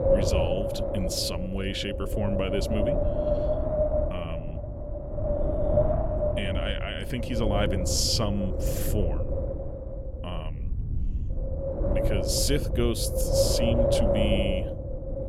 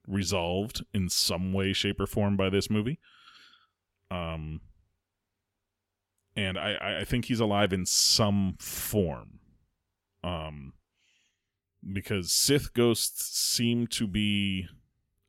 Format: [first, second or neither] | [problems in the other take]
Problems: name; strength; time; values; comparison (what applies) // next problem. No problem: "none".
second | wind noise on the microphone; heavy; 2 dB above the speech